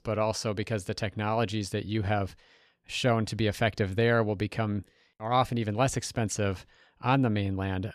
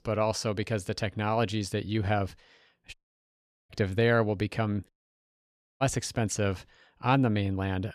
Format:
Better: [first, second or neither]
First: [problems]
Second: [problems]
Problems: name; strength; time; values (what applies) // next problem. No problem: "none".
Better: first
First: none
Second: audio cutting out; at 3 s for 1 s and at 5 s for 1 s